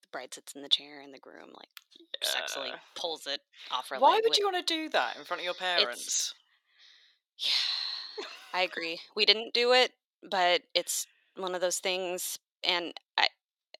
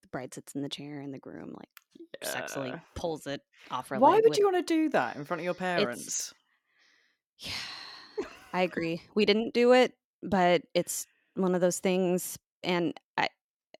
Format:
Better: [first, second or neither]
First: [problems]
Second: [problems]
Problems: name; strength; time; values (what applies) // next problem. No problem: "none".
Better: second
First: thin; somewhat; fading below 550 Hz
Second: none